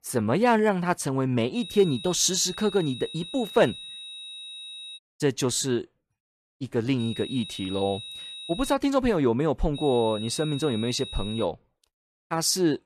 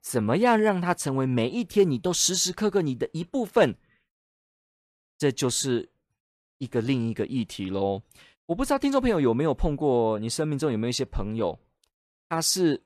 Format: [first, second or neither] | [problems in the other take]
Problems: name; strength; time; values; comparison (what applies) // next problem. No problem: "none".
second | high-pitched whine; noticeable; from 1.5 to 5 s, from 7 to 9 s and from 10 to 11 s; 4 kHz, 10 dB below the speech